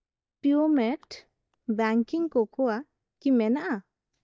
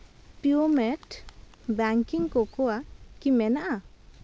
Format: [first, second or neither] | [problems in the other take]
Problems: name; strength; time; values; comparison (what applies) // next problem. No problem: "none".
second | noise reduction (neural mask model DeepFilterNet 3)